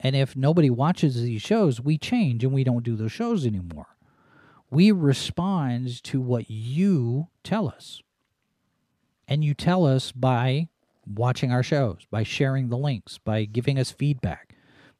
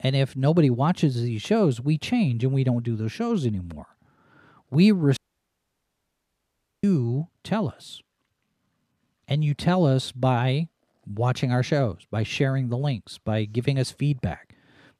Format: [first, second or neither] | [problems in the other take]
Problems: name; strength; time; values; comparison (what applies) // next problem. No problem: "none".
first | audio cutting out; at 5 s for 1.5 s